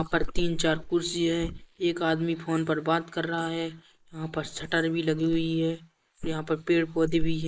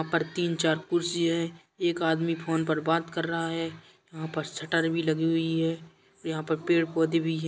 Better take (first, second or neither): second